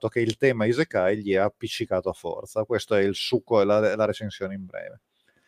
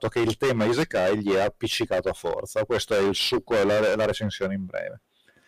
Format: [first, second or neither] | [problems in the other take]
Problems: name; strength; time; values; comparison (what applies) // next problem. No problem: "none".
first | distortion; heavy; 18% of the sound clipped